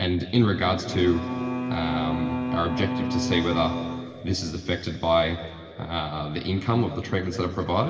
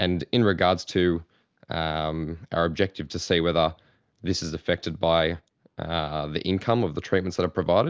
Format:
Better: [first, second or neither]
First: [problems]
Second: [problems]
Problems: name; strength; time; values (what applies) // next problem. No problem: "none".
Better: second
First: background sound (Bowed string instrument); 3 dB below the speech // room echo; dies away in 2.5 s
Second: none